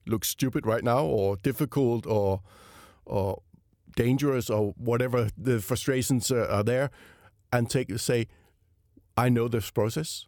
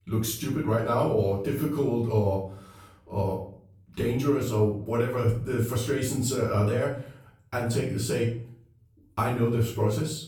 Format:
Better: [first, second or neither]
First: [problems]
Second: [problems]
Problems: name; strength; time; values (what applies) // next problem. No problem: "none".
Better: first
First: none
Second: off-mic speech; far // room echo; noticeable; dies away in 0.4 s